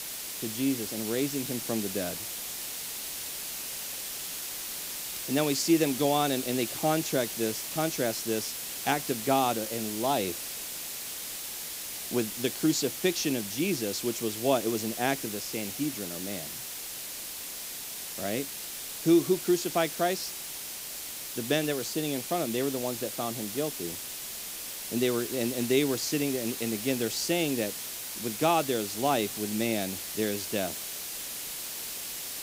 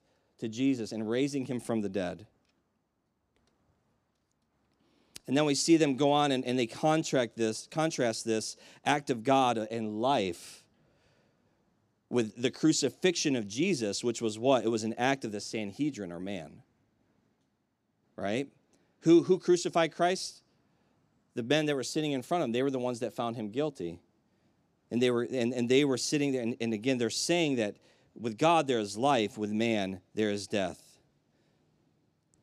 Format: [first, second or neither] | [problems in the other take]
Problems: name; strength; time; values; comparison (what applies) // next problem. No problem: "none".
second | hiss; loud; throughout; 5 dB below the speech